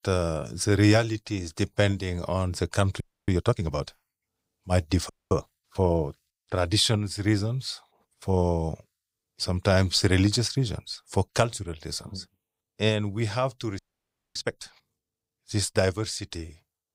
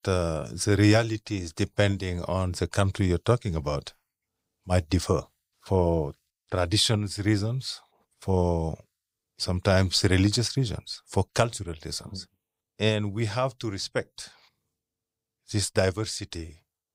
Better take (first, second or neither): second